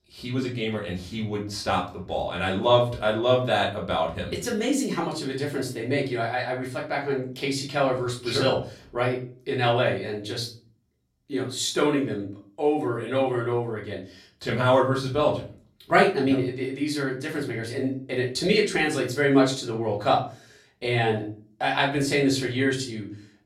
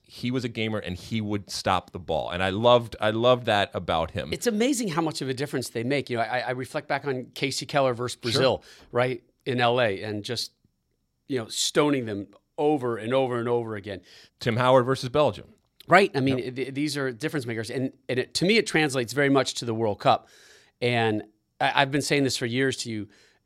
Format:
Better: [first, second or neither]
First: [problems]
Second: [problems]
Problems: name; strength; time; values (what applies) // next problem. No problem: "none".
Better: second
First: off-mic speech; far // room echo; slight; dies away in 0.3 s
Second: none